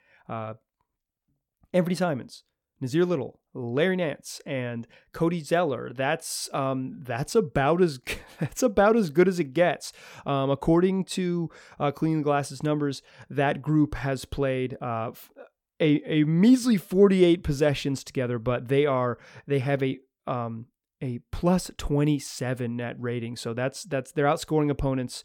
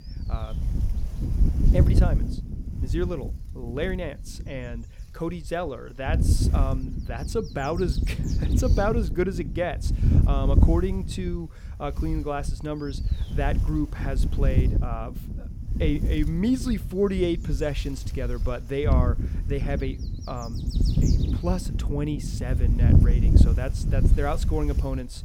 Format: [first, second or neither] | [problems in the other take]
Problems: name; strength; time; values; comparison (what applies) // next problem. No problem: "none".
first | wind noise on the microphone; heavy; 7 dB below the speech